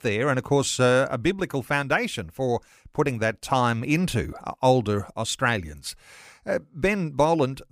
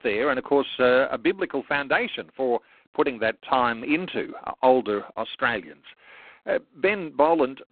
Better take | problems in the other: first | phone-call audio; poor line; nothing above 4 kHz

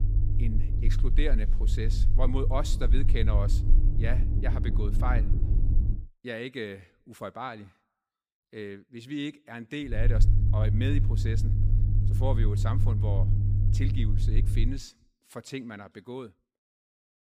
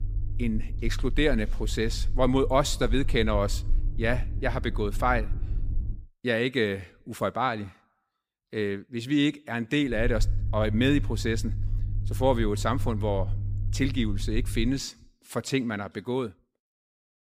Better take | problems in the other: second | low rumble; loud; until 6 s and from 10 to 15 s; 5 dB below the speech; faint in the second

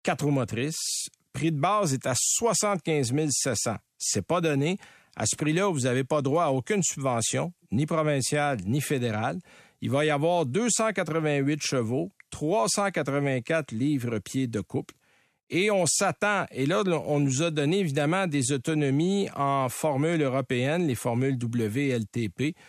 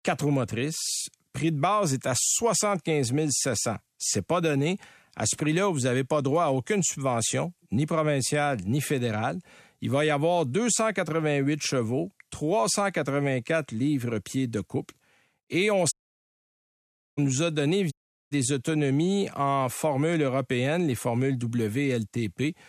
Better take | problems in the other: first | audio cutting out; at 16 s for 1.5 s and at 18 s

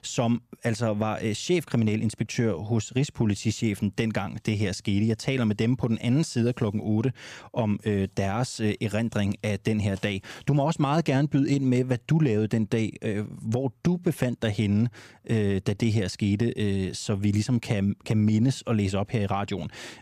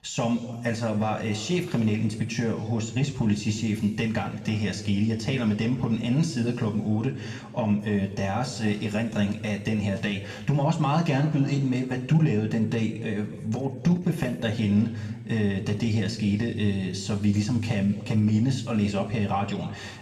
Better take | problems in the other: first | room echo; slight; dies away in 1.7 s // off-mic speech; somewhat distant

